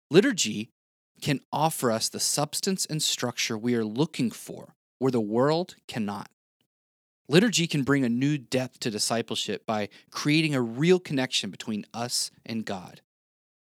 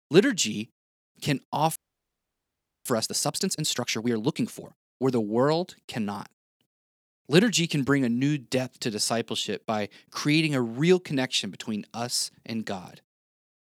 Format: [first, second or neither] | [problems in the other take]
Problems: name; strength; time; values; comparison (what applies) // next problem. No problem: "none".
first | audio freezing; at 2 s for 1 s